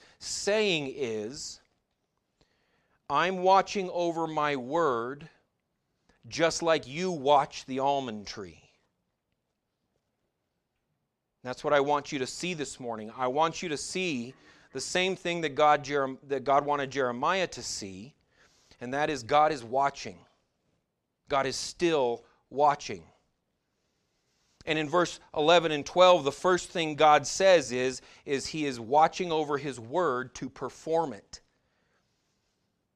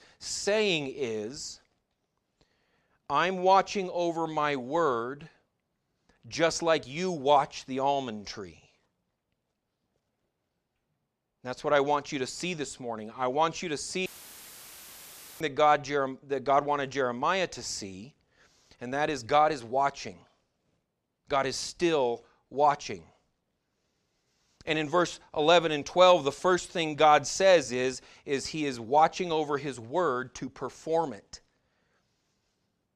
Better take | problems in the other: first | audio cutting out; filled with static; at 14 s for 1.5 s

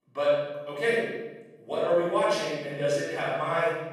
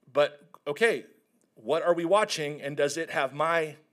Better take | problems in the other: second | off-mic speech; far // room echo; strong; dies away in 1.1 s

